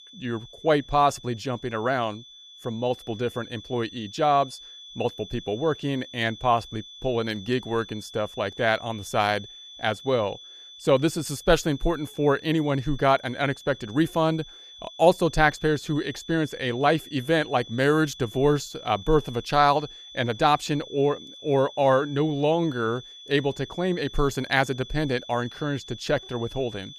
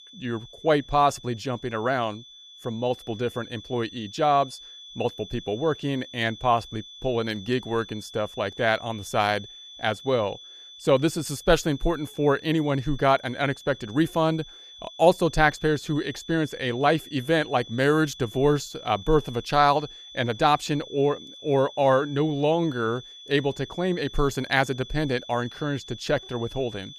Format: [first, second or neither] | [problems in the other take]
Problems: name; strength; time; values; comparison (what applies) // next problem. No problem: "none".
neither | high-pitched whine; noticeable; throughout; 3.5 kHz, 15 dB below the speech; the same in both